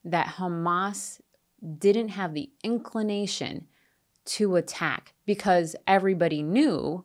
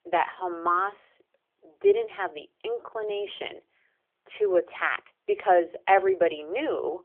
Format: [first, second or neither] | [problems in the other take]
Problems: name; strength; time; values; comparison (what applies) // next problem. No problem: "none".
first | phone-call audio; nothing above 3.5 kHz